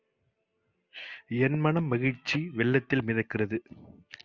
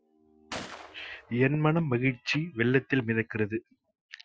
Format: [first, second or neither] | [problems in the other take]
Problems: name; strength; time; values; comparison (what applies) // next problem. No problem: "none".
first | noise reduction (classical method Wiener filter)